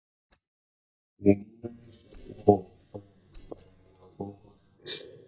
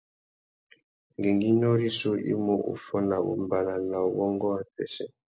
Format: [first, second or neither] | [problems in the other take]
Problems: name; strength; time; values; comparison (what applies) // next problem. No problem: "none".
second | noise reduction (neural mask model DeepFilterNet 3)